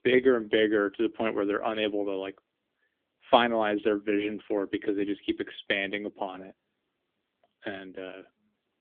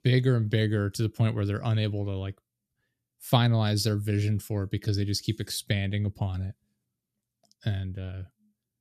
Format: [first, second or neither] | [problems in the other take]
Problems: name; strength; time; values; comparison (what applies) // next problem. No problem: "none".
second | phone-call audio; nothing above 3.5 kHz